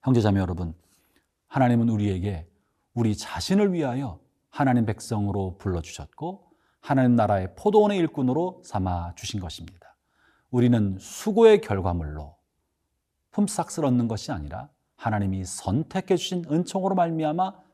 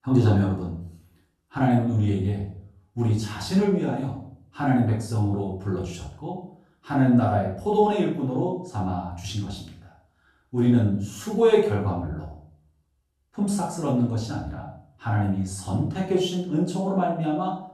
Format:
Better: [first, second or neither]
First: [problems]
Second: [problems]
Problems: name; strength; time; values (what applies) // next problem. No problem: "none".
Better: first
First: none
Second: off-mic speech; far // room echo; noticeable; dies away in 0.5 s